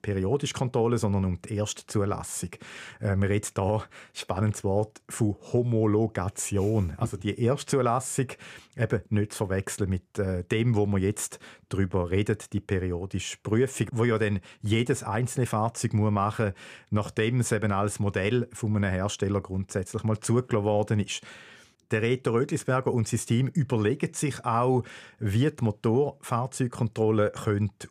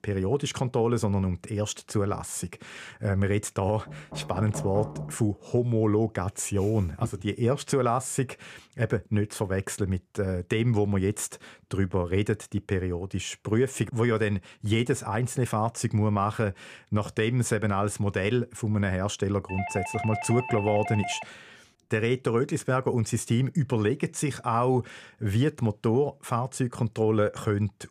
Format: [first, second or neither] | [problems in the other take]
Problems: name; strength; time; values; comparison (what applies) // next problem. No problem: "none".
first | door banging; noticeable; from 4 to 5 s; peak 7 dB below the speech // doorbell; noticeable; from 19 to 21 s; peak 6 dB below the speech